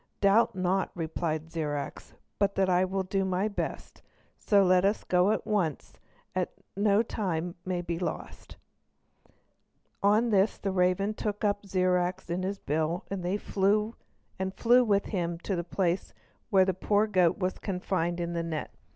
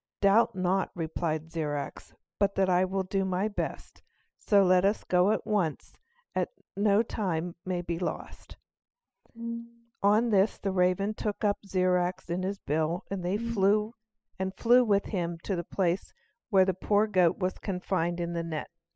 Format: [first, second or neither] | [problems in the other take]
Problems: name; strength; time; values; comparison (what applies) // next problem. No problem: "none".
first | noise reduction (classical method spectral subtraction)